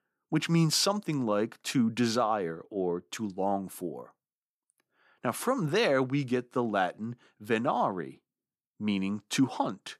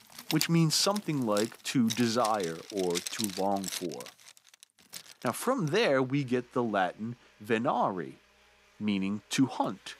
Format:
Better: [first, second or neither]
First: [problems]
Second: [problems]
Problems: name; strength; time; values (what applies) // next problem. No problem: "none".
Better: first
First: none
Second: household noises; loud; throughout; 9 dB below the speech